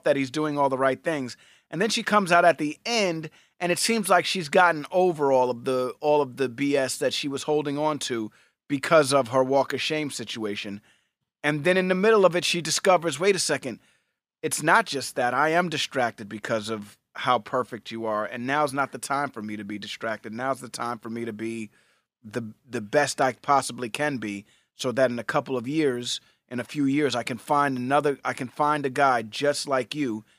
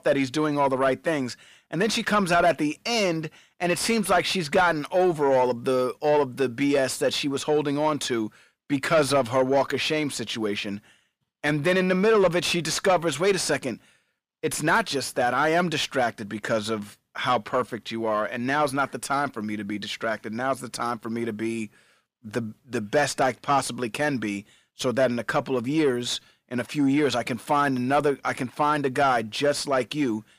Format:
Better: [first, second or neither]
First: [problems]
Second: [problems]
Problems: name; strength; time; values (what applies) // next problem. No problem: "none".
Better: first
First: none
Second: distortion; slight; 10 dB below the speech